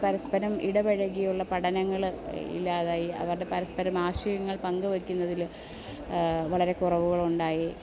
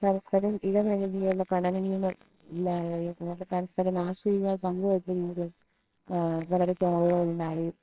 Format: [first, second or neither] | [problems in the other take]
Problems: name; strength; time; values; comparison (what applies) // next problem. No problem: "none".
first | noise reduction (neural separator model SepFormer WHAMR!)